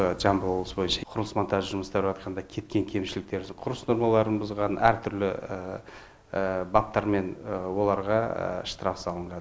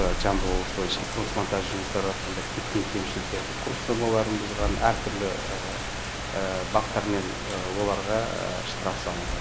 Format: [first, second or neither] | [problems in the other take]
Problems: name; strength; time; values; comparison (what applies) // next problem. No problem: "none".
first | background sound (Rain); 2 dB below the speech